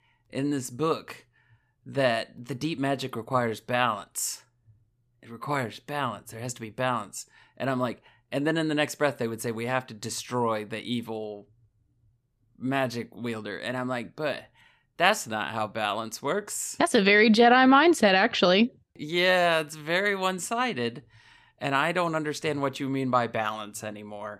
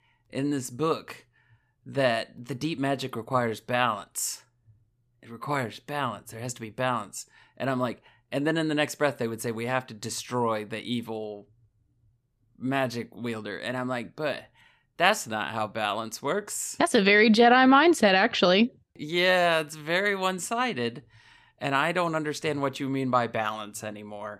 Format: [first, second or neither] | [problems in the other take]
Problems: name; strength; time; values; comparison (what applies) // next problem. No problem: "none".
neither | none